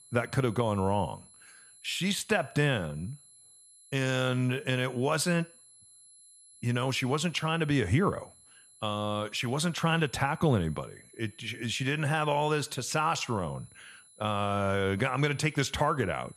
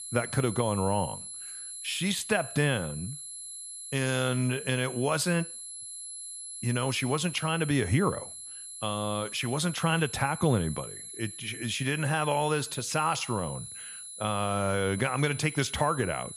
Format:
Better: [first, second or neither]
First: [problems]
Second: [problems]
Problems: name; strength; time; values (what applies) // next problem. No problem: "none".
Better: first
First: high-pitched whine; faint; throughout; 11 kHz, 25 dB below the speech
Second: high-pitched whine; loud; throughout; 11 kHz, 10 dB below the speech